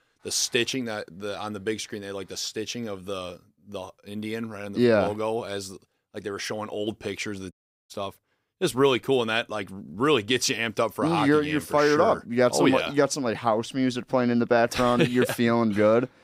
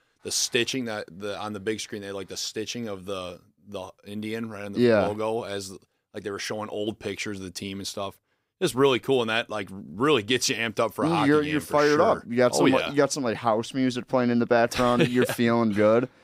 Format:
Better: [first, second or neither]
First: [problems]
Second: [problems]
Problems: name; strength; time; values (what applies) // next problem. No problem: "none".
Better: second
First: audio cutting out; at 7.5 s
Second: none